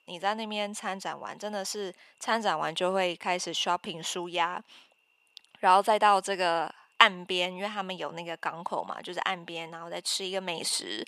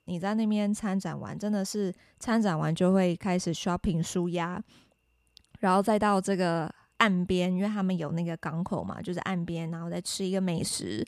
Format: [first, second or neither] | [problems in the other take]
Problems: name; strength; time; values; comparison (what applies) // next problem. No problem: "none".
second | thin; very; fading below 450 Hz